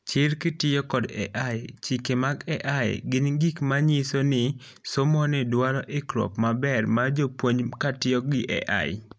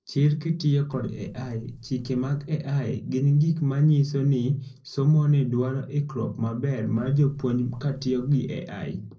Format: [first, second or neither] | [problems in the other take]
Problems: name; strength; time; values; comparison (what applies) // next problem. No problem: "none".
first | noise reduction (neural separator model SepFormer DNS4)